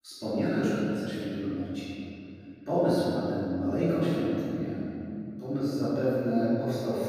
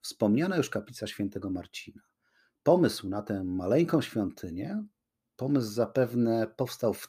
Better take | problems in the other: second | room echo; strong; dies away in 2.7 s // off-mic speech; far

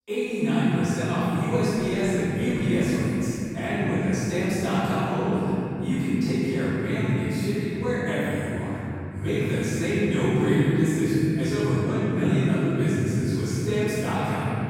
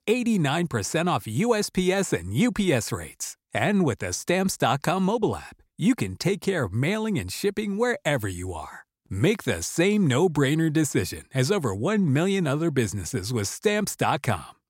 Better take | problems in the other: second | room echo; strong; dies away in 3 s // off-mic speech; far

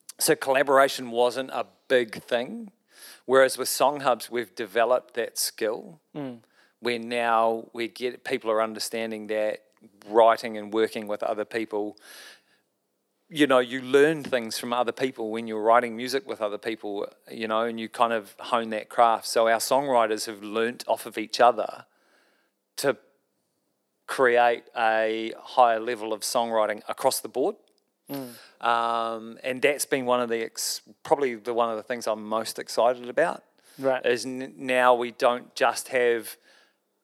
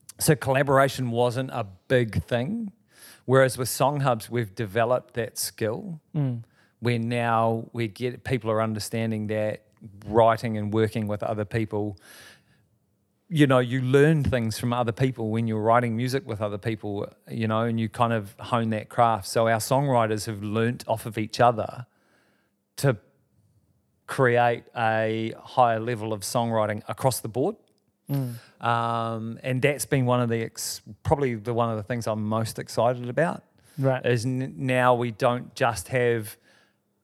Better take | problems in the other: second | thin; somewhat; fading below 300 Hz

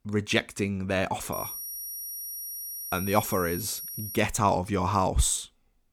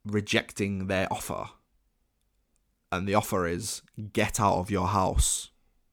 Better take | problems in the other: second | high-pitched whine; loud; from 1.5 to 4 s; 11.5 kHz, 7 dB below the speech

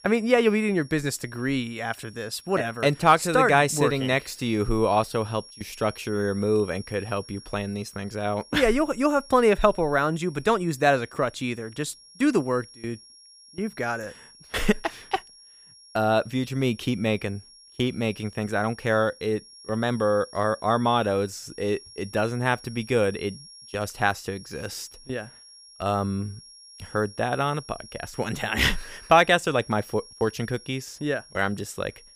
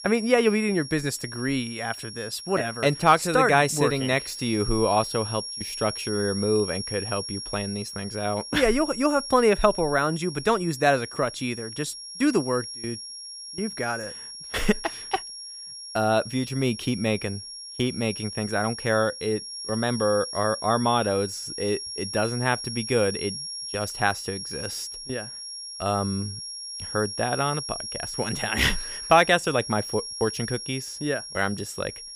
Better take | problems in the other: first | high-pitched whine; loud; throughout; 5.5 kHz, 8 dB below the speech; faint in the first

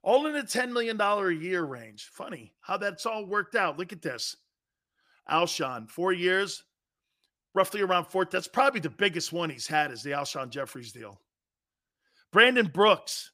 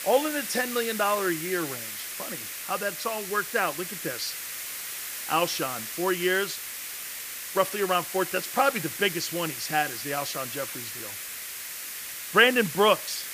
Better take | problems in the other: first | hiss; loud; throughout; 7 dB below the speech

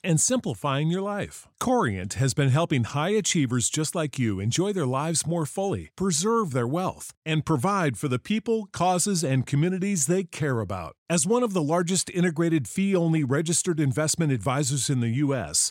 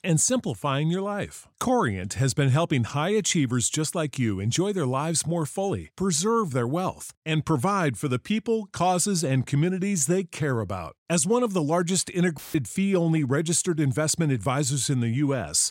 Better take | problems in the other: first | audio cutting out; filled with static; at 12 s

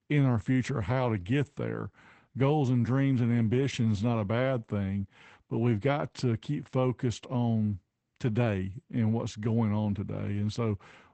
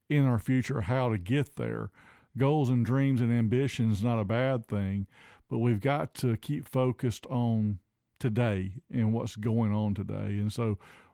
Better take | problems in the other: second | garbled, watery; badly; nothing above 8 kHz; slightly in the second

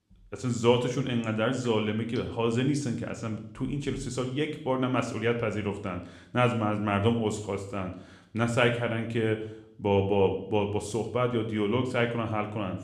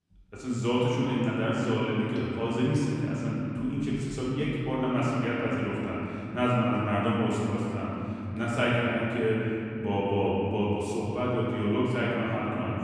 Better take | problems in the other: first | room echo; strong; dies away in 3 s; slight in the first // off-mic speech; far

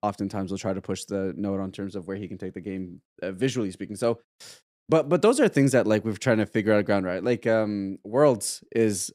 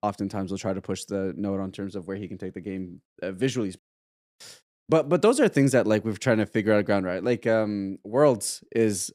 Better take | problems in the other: first | audio cutting out; at 4 s

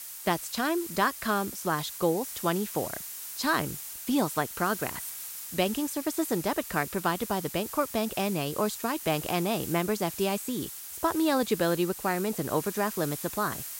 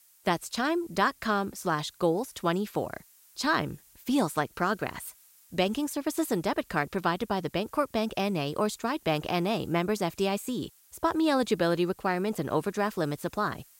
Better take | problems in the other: second | hiss; loud; throughout; 8 dB below the speech; faint in the second

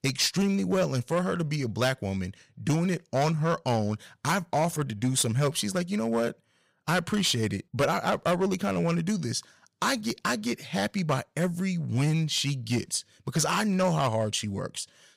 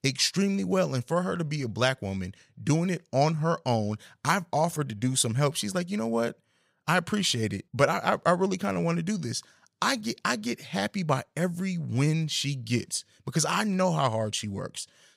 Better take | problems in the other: second | distortion; slight; 5% of the sound clipped

